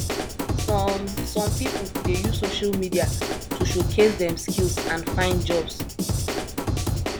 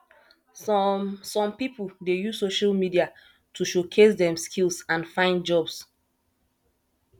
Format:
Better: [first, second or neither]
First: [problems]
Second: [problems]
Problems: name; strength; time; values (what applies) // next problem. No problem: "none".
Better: second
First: background sound (Drum / Drum kit); 1 dB above the speech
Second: none